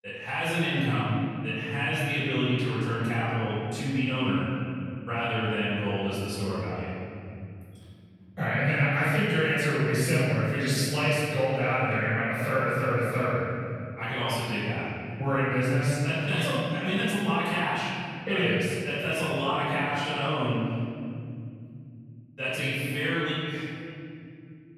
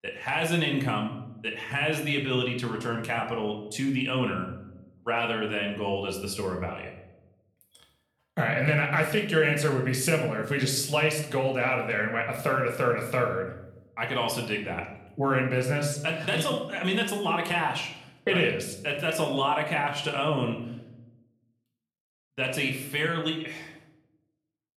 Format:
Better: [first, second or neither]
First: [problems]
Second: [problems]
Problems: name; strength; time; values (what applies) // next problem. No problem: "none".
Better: second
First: room echo; strong; dies away in 3 s // off-mic speech; far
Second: room echo; slight; dies away in 0.7 s // off-mic speech; somewhat distant